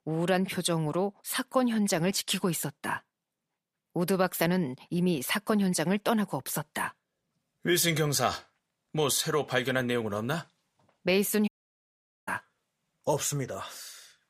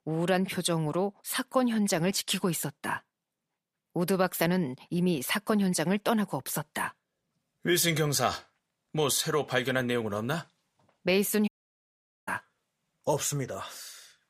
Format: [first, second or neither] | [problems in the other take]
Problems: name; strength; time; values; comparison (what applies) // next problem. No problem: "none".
neither | audio cutting out; at 11 s for 1 s; the same in both